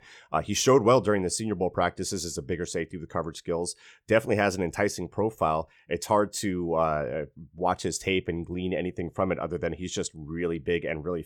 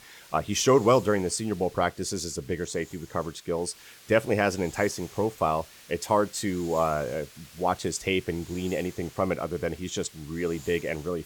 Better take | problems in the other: first | hiss; noticeable; throughout; 20 dB below the speech

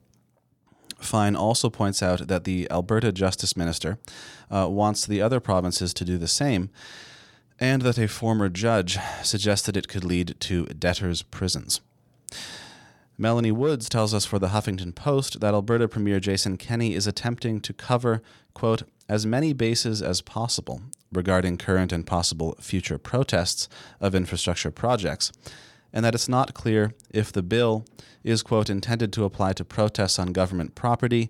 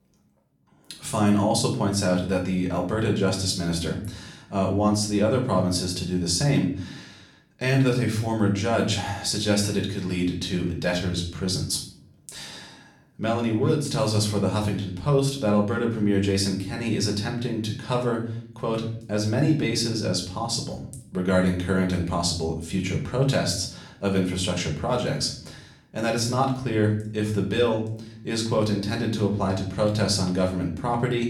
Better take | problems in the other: first | room echo; slight; dies away in 0.5 s // off-mic speech; far

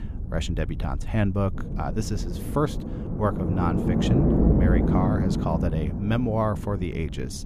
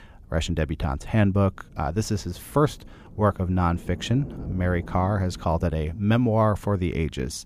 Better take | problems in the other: second | low rumble; loud; throughout; 1 dB below the speech; faint in the second

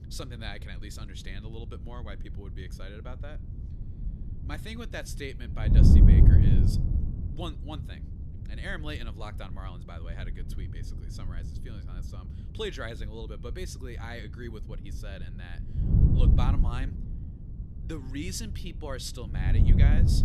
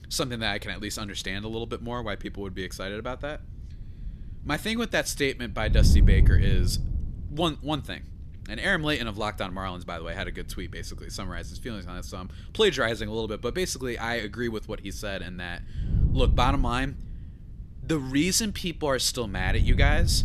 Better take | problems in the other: second | wind noise on the microphone; heavy; 2 dB above the speech; occasional gusts in the second

